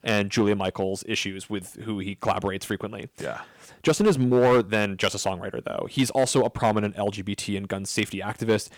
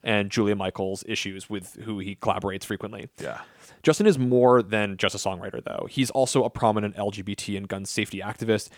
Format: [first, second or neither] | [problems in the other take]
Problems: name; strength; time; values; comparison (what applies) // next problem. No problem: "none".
second | distortion; slight; 2% of the sound clipped